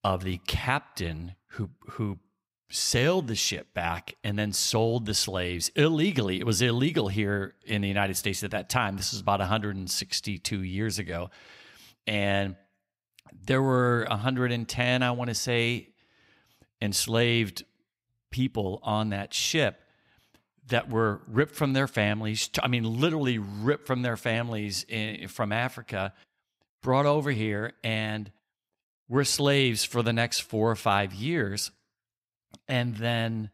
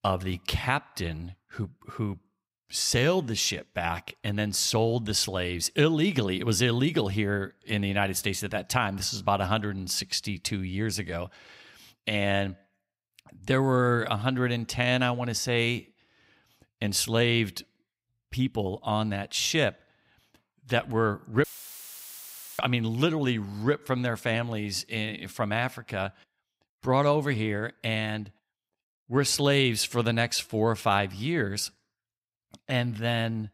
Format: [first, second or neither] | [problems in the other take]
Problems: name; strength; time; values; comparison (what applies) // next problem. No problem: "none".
first | audio cutting out; filled with static; at 21 s for 1 s